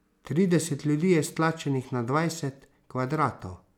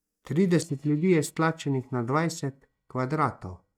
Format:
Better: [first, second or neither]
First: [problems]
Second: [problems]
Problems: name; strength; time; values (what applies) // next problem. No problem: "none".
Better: first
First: none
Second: noise reduction (neural mask model DeepFilterNet 3)